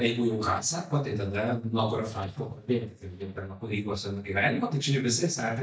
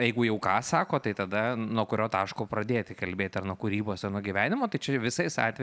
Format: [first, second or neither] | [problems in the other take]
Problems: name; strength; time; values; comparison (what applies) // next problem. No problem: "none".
second | noise reduction (neural mask model DeepFilterNet 3)